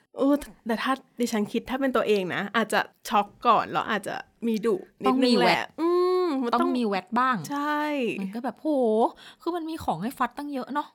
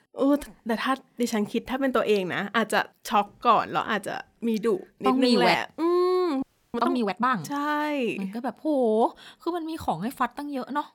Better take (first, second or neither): first